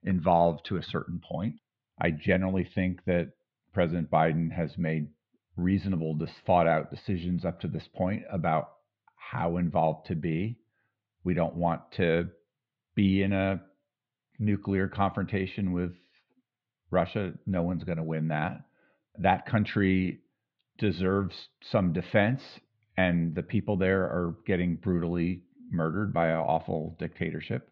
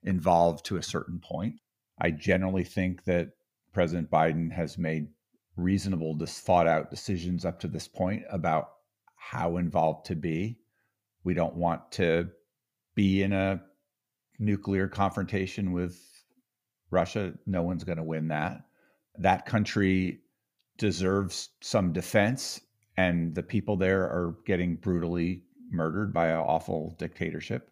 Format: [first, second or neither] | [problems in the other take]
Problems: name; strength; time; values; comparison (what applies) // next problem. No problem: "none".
second | muffled; slightly; fading above 3.5 kHz